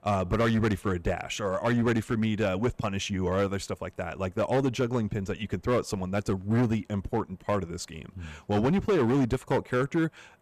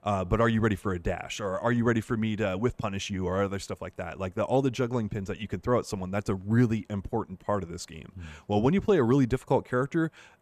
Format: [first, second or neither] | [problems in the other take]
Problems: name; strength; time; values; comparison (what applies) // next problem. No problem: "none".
second | distortion; slight; 8% of the sound clipped